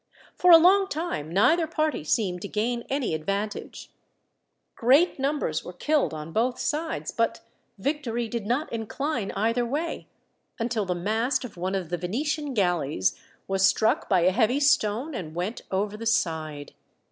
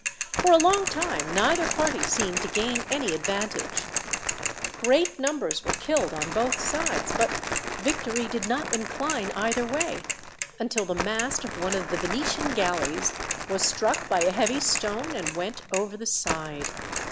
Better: first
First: none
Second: background sound (Crumpling, crinkling + Mechanisms / Bicycle); 3 dB below the speech

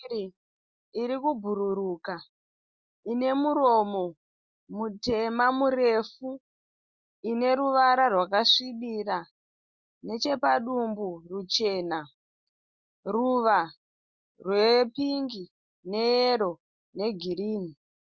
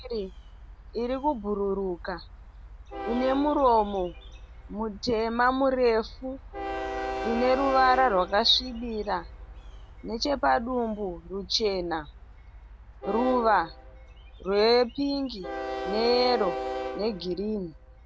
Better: first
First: none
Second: background sound (Train); 10 dB below the speech

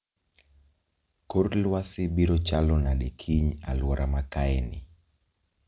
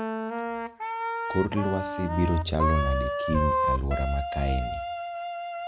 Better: first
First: none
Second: background sound (Wind instrument, woodwind instrument); 1 dB below the speech

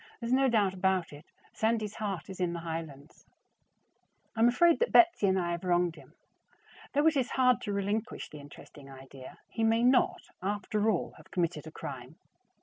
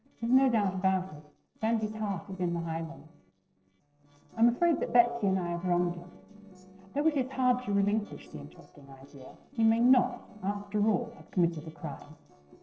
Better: first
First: none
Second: noise reduction (neural separator model SepFormer DNS4)

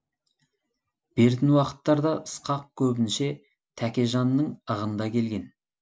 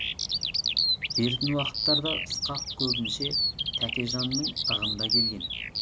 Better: first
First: none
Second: background sound (Bird vocalization, bird call, bird song); 5 dB above the speech

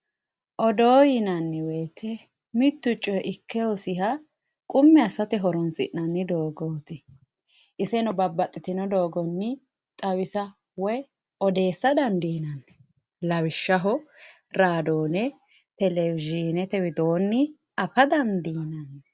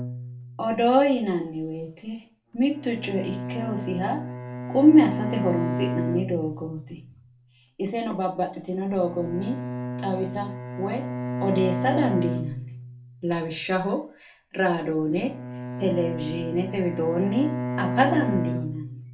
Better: first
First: none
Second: background sound (Bowed string instrument); 6 dB below the speech // room echo; dies away in 0.3 s

